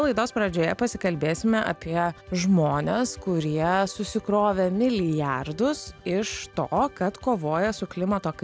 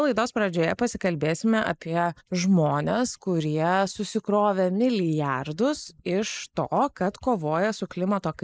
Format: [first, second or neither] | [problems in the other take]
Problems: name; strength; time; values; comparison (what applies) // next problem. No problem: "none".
first | noise reduction (neural mask model Resemble Enhance denoiser)